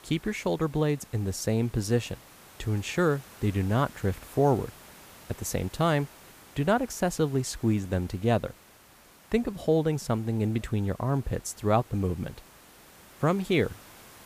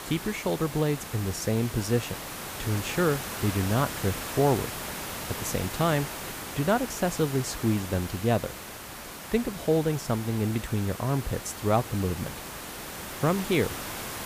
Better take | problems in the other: first | hiss; loud; throughout; 8 dB below the speech; faint in the first

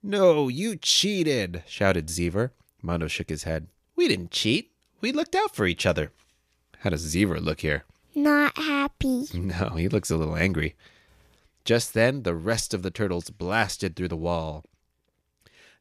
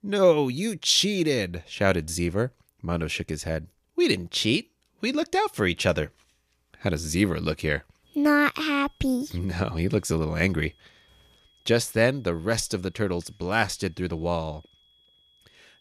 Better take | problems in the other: first | high-pitched whine; faint; from 8 s on; 3.5 kHz, 35 dB below the speech

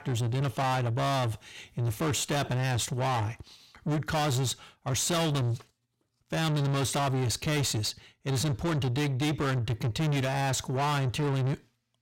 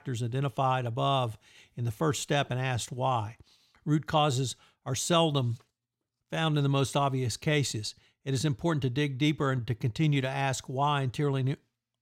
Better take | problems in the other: second | distortion; heavy; 6 dB below the speech

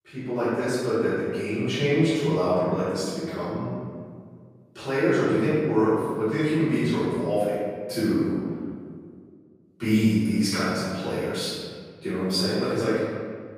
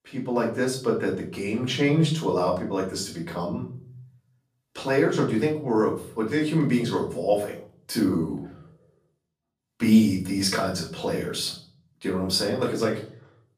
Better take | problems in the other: second | room echo; strong; dies away in 1.8 s; slight in the second // off-mic speech; far; far in the second

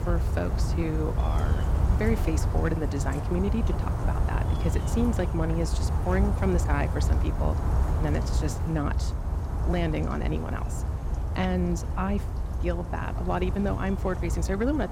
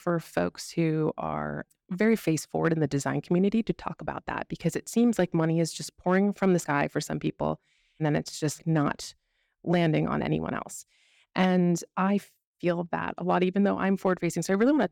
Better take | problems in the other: second | animal sounds; very loud; throughout; 2 dB above the speech

